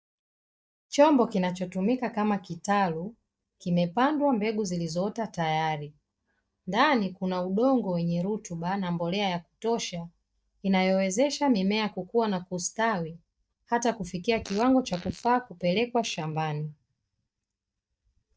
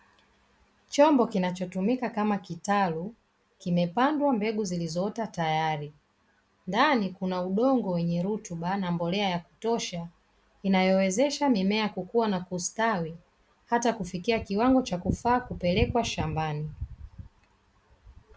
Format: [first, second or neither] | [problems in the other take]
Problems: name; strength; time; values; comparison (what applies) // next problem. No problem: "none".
second | noise reduction (neural mask model DeepFilterNet 3)